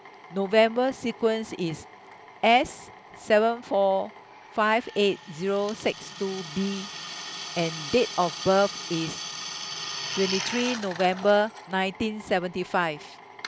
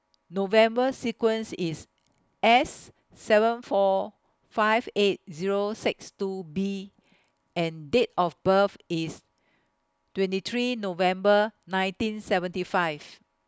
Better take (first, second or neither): second